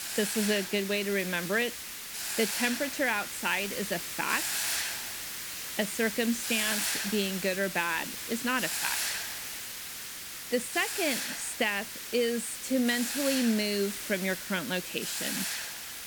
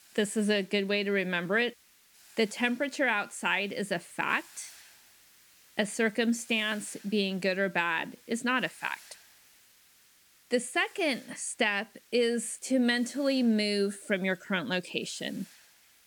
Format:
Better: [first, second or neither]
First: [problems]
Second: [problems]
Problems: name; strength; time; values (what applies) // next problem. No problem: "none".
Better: second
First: hiss; loud; throughout; 3 dB below the speech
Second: hiss; faint; throughout; 25 dB below the speech